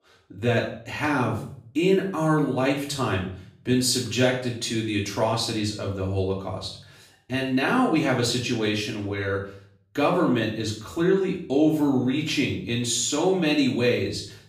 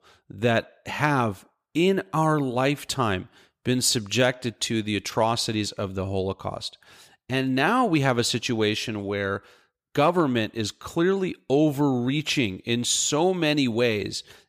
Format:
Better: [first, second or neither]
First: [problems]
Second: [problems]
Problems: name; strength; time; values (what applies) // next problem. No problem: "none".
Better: second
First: off-mic speech; far // room echo; noticeable; dies away in 0.5 s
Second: none